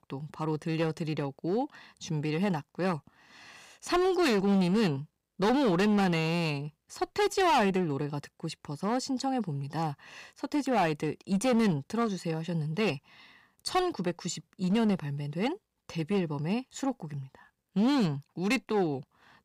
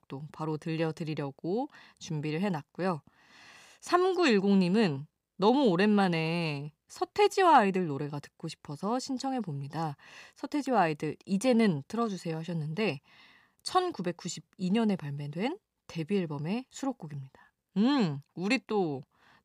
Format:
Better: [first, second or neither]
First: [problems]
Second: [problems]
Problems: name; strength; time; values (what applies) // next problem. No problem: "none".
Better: second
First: distortion; slight; 8% of the sound clipped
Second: none